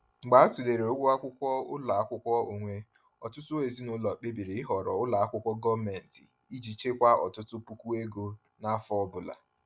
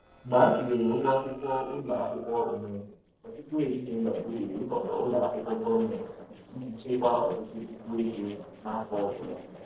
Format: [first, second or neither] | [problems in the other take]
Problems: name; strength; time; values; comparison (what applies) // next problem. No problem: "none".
first | noise reduction (neural separator model SepFormer DNS4)